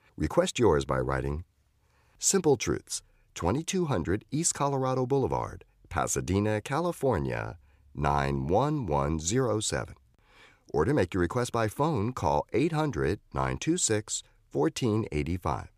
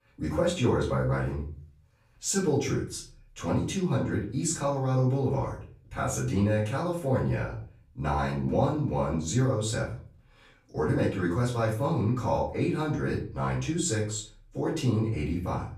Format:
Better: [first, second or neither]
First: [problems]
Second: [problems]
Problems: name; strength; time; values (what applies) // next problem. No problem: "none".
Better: first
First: none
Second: room echo; slight; dies away in 0.4 s // off-mic speech; far